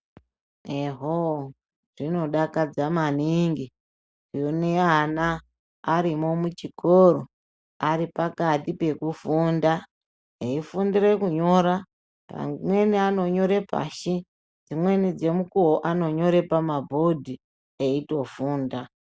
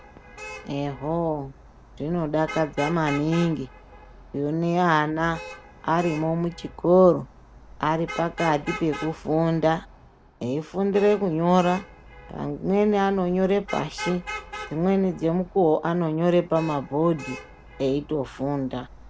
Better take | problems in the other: first | background sound (Traffic noise, roadway noise / Vehicle horn, car horn, honking); 16 dB below the speech

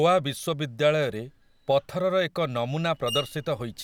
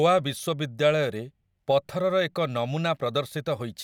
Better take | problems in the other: second | background sound (Screech); 17 dB below the speech

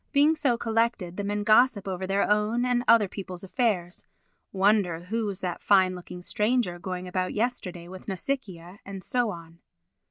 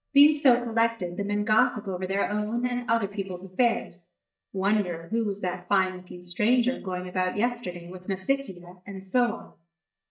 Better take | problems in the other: first | noise reduction (neural mask model DeepFilterNet 3)

